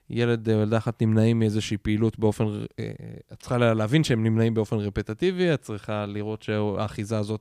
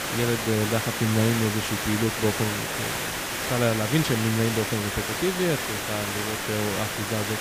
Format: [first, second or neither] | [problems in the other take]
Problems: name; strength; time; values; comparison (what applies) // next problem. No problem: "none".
first | hiss; loud; throughout; 1 dB below the speech